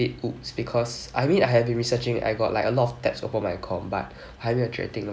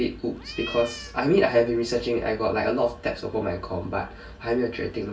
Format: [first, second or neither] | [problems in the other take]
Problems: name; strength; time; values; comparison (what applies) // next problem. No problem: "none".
first | background sound (Cat); 14 dB below the speech // room echo; dies away in 0.2 s